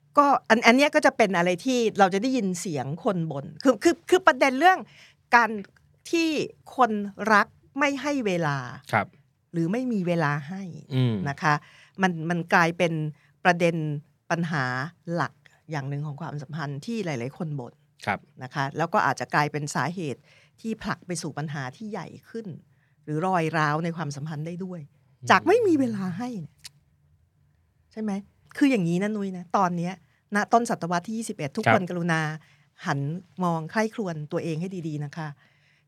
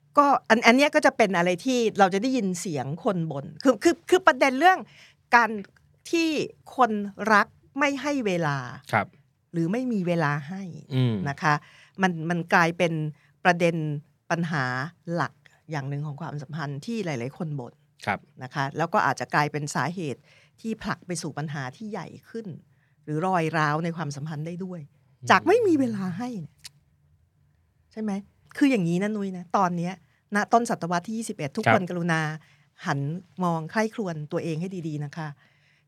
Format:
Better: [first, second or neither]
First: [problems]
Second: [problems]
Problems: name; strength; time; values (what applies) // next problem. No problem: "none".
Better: neither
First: none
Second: none